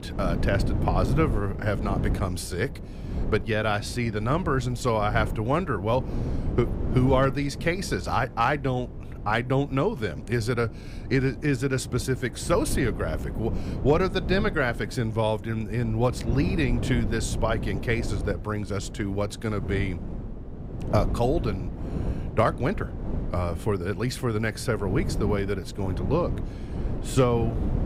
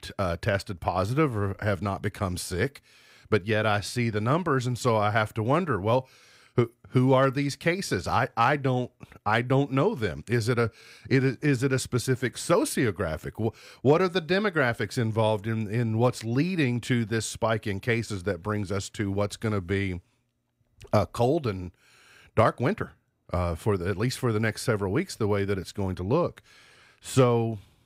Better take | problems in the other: second | wind noise on the microphone; occasional gusts; 10 dB below the speech

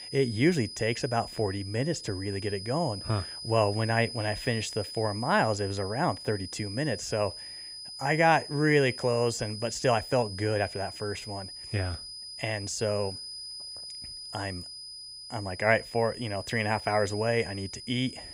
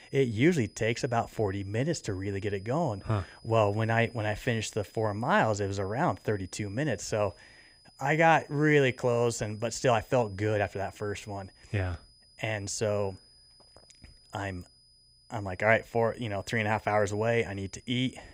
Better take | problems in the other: second | high-pitched whine; loud; throughout; 5 kHz, 10 dB below the speech; faint in the second

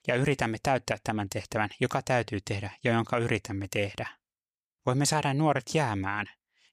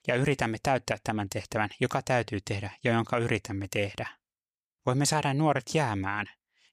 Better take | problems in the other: neither | none

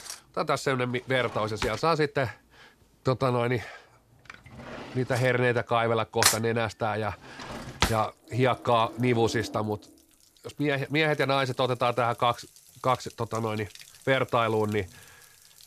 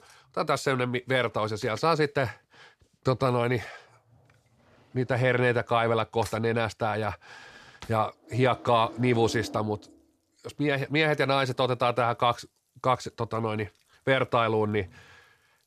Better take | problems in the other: second | household noises; loud; throughout; 4 dB below the speech; faint in the second

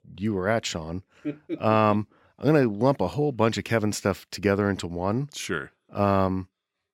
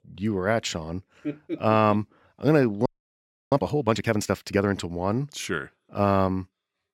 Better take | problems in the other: first | audio freezing; at 3 s for 0.5 s

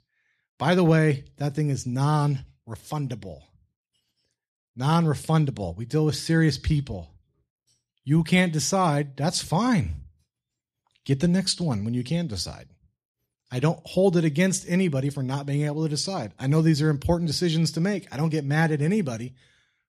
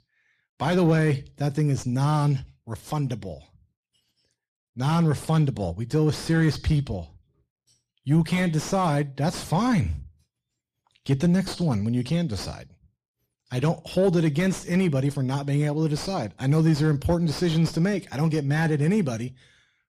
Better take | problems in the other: first | distortion; slight; 10 dB below the speech

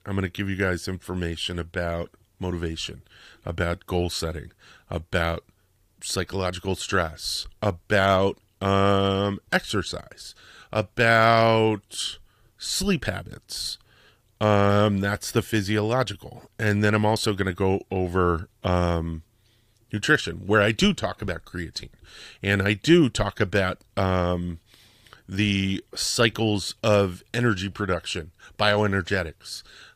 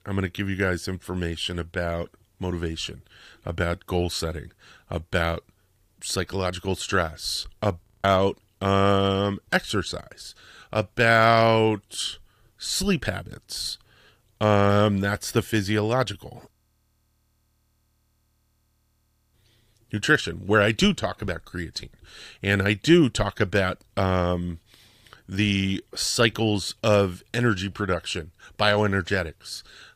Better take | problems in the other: first | audio freezing; at 8 s and at 17 s for 3 s

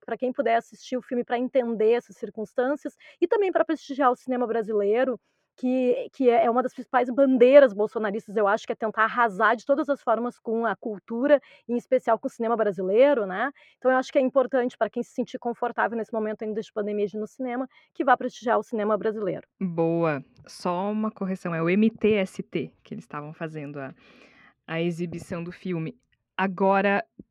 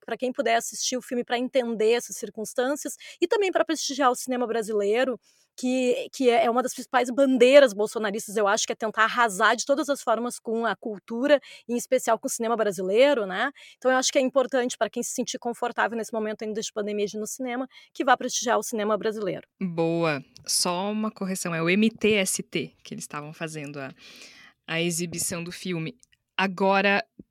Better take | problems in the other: second | muffled; very; fading above 3.5 kHz

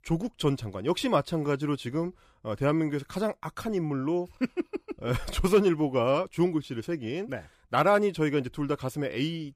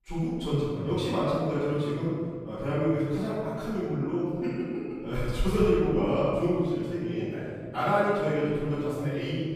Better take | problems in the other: first | off-mic speech; far // room echo; strong; dies away in 2.1 s

